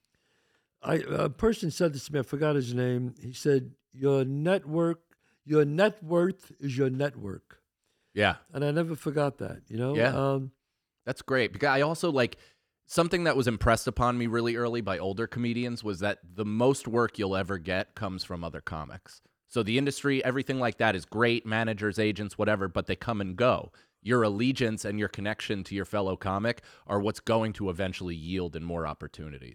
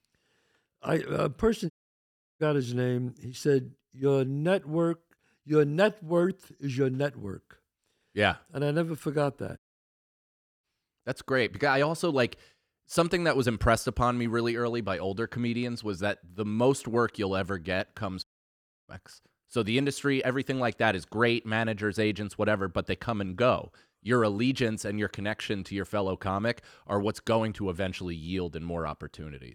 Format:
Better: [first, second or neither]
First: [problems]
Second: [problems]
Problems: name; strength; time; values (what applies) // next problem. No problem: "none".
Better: first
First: none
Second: audio cutting out; at 1.5 s for 0.5 s, at 9.5 s for 1 s and at 18 s for 0.5 s